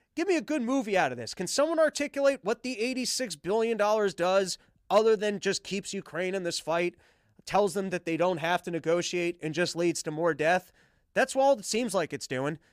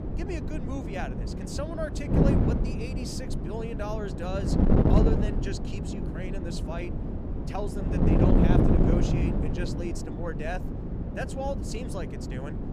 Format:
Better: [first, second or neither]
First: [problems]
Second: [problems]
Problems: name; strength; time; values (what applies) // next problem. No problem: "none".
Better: first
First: none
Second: wind noise on the microphone; heavy; 2 dB above the speech